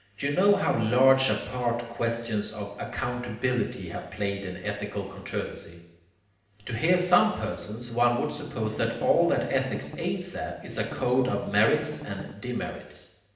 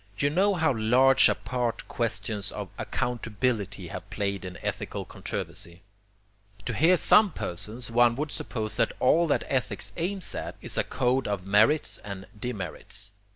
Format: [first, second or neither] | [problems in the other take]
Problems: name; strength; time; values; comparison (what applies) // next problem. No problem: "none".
second | background sound (Strum); 12 dB below the speech // room echo; dies away in 0.8 s